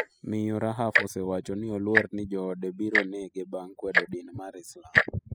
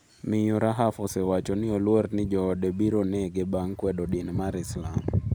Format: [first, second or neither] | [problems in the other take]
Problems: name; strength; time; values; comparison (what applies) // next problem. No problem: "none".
second | noise reduction (classical method spectral subtraction)